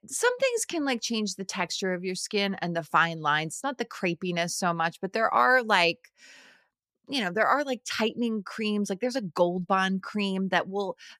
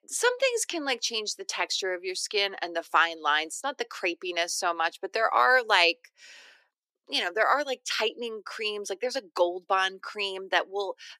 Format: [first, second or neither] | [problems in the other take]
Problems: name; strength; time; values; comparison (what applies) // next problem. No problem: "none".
first | thin; very; fading below 300 Hz